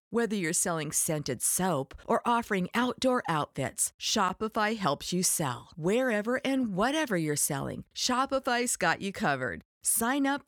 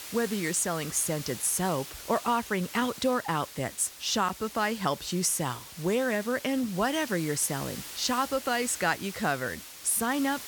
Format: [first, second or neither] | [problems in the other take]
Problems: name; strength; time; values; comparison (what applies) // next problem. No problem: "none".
first | hiss; noticeable; throughout; 10 dB below the speech